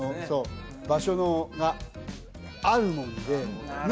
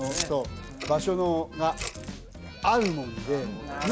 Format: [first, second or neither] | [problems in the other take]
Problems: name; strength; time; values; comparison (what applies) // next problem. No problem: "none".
first | background sound (Tick-tock + Keys jangling); 12 dB below the speech